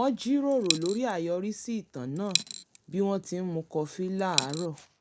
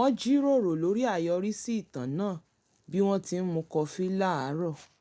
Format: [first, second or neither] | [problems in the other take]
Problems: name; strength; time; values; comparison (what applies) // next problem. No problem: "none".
second | background sound (Coin (dropping)); 3 dB below the speech